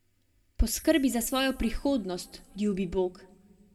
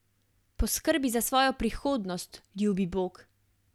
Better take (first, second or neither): second